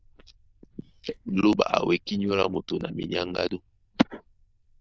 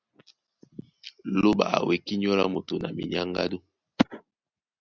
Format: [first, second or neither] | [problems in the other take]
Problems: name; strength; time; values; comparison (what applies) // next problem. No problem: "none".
second | noise reduction (neural diffusion model UNIVERSE++)